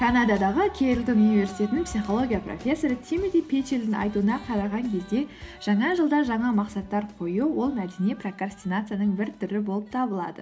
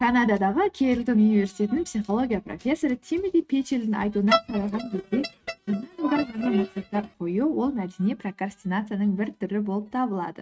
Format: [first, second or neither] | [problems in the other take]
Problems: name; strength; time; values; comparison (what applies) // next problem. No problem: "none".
first | noise reduction (neural mask model RNNoise)